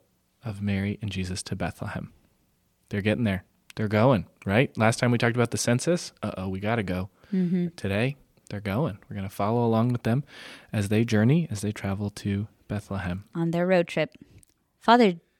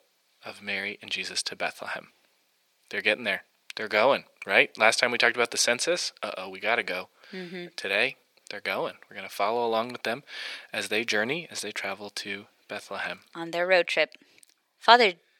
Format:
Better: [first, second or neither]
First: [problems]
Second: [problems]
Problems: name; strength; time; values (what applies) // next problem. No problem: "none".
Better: first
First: none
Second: thin; very; fading below 550 Hz